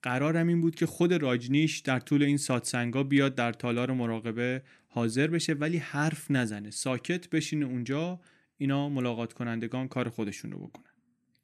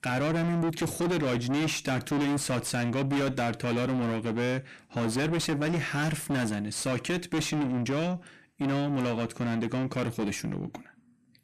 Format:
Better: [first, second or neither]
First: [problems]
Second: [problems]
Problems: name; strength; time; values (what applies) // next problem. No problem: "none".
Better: first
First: none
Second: distortion; heavy; 5 dB below the speech